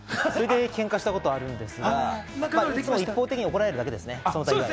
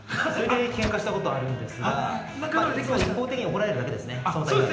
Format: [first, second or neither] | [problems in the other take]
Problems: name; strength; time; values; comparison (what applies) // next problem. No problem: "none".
first | background sound (Microwave oven); 12 dB below the speech // room echo; dies away in 0.9 s